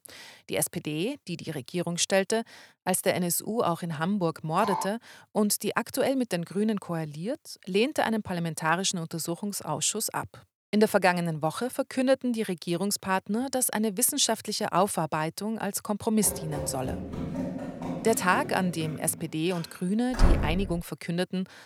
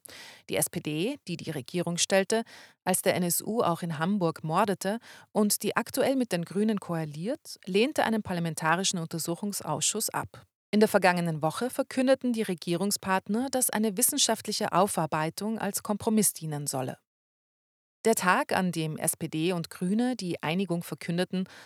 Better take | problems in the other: second | dog barking; noticeable; at 4.5 s; peak 5 dB below the speech // door banging; loud; from 17 to 21 s; peak 2 dB above the speech

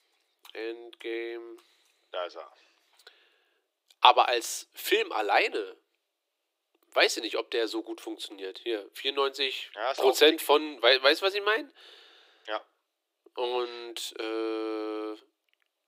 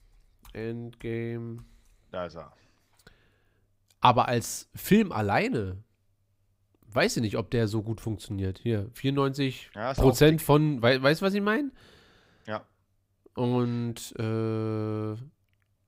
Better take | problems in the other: second | thin; very; fading below 350 Hz

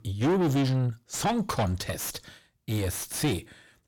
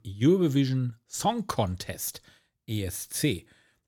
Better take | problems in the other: second | distortion; heavy; 5 dB below the speech

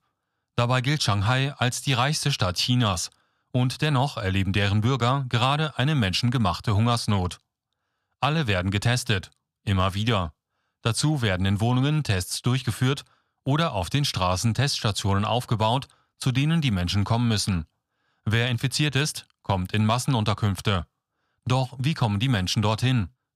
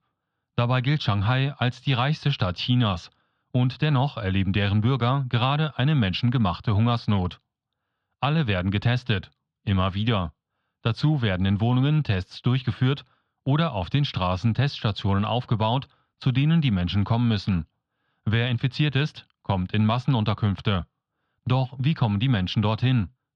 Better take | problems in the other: first | muffled; slightly; fading above 3.5 kHz

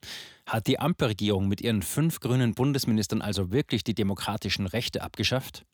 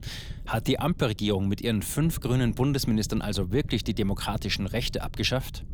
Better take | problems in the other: first | low rumble; faint; throughout; 20 dB below the speech

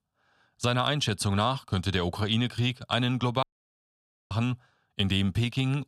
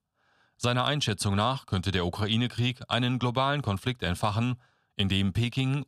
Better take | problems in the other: second | audio cutting out; at 3.5 s for 1 s

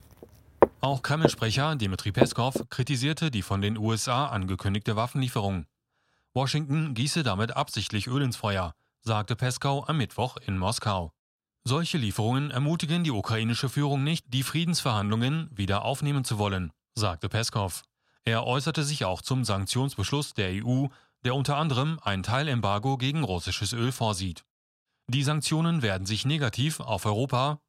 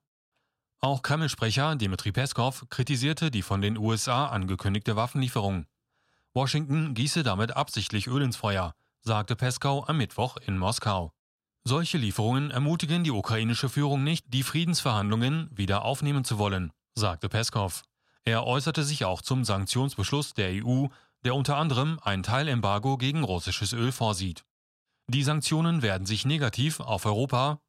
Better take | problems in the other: second | footsteps; loud; from 0.5 to 2.5 s; peak 3 dB above the speech

